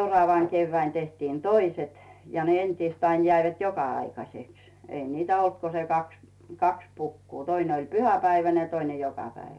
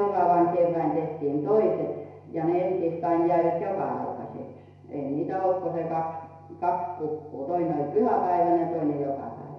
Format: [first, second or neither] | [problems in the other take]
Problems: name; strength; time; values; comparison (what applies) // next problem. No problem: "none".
first | room echo; dies away in 1 s